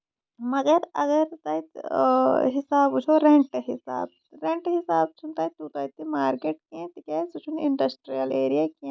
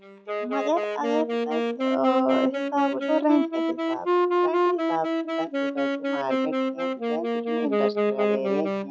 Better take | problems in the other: first | noise reduction (classical method log-MMSE)

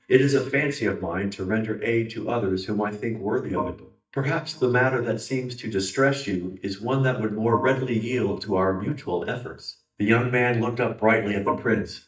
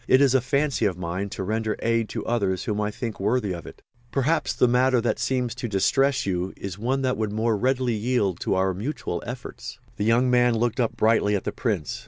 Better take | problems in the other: second | noise reduction (neural mask model DeepFilterNet 3)

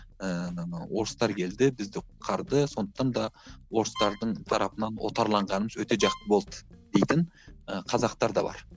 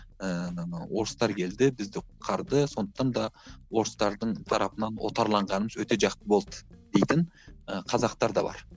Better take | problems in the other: second | background sound (Bowed string instrument); 11 dB below the speech

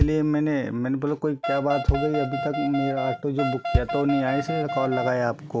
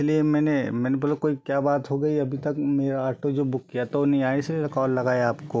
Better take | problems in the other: second | background sound (Wind instrument, woodwind instrument + Bass drum); 3 dB below the speech

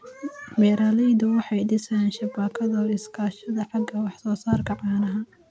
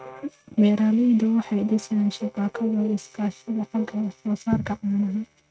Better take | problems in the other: first | noise reduction (neural mask model RNNoise)

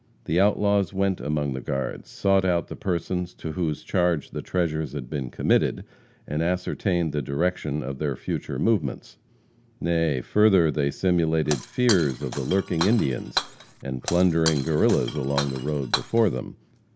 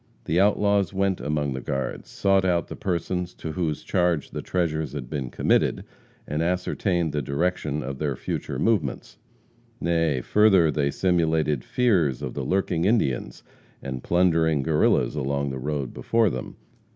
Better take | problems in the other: second | background sound (Shatter); 9 dB below the speech

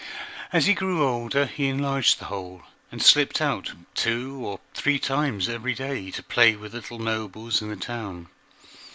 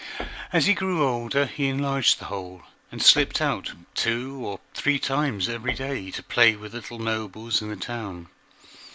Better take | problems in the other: first | background sound (Knock); 18 dB below the speech

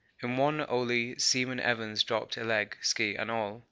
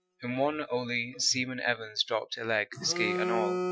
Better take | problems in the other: first | noise reduction (classical method Wiener filter)

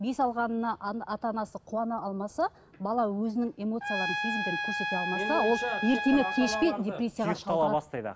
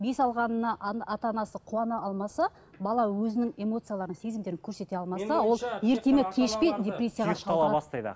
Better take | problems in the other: second | background sound (Trumpet); 4 dB below the speech

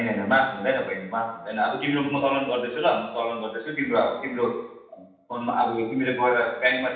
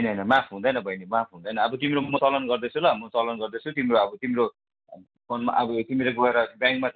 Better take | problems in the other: second | room echo; dies away in 0.9 s

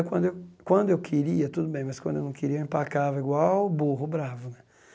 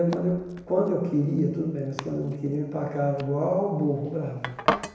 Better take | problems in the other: first | background sound (Domestic sounds, home sounds); 9 dB below the speech // room echo; dies away in 1 s

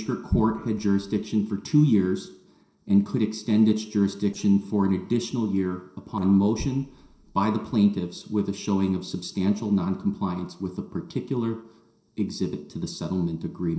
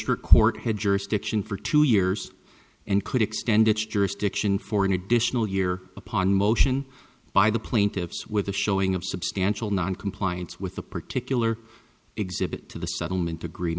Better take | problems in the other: second | noise reduction (neural separator model SepFormer DNS4)

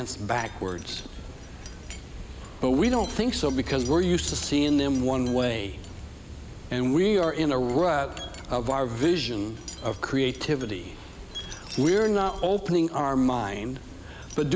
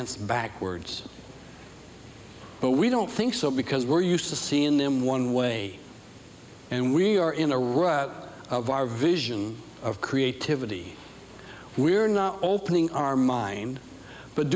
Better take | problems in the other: second | background sound (Wind chime); 13 dB below the speech

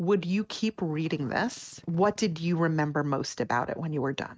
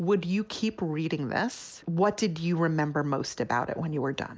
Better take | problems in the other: second | noise reduction (neural mask model RNNoise)

